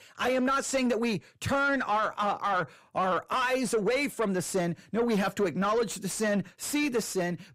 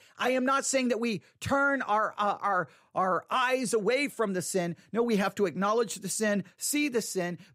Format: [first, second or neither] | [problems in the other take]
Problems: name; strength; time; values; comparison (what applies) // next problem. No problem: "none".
second | distortion; slight; 10 dB below the speech